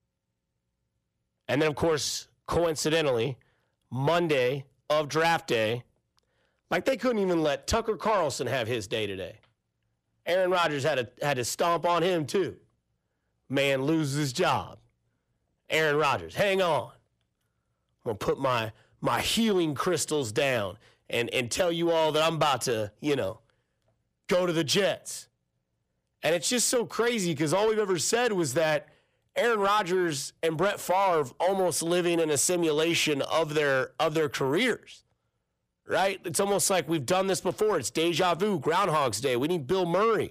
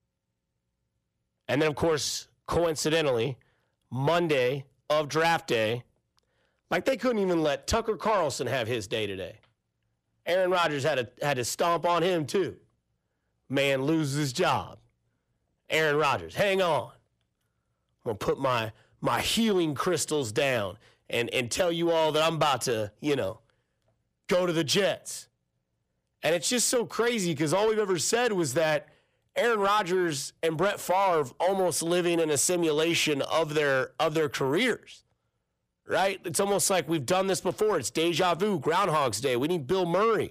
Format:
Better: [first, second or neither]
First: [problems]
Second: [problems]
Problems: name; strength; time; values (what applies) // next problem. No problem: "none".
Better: neither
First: distortion; slight; 10 dB below the speech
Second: distortion; slight; 10 dB below the speech